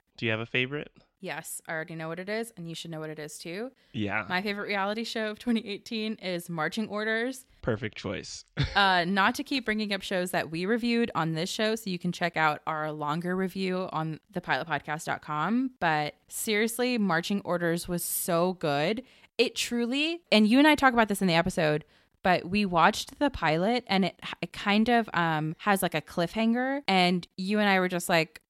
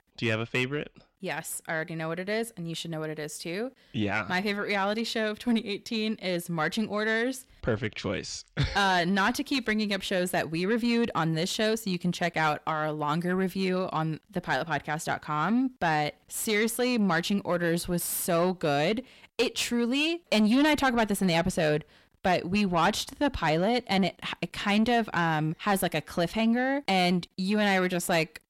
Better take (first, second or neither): first